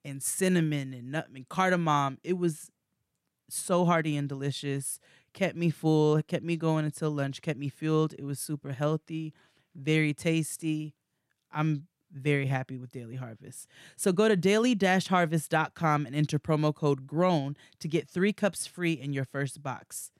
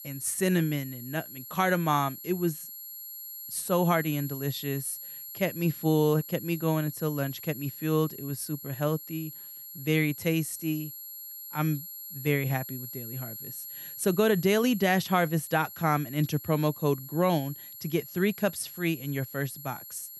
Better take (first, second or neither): first